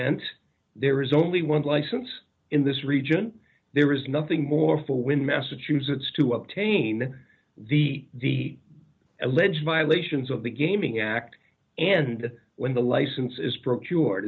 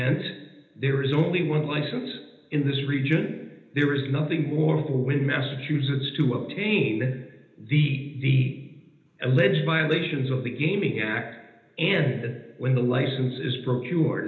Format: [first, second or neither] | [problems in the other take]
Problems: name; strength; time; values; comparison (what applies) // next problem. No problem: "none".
first | room echo; dies away in 0.9 s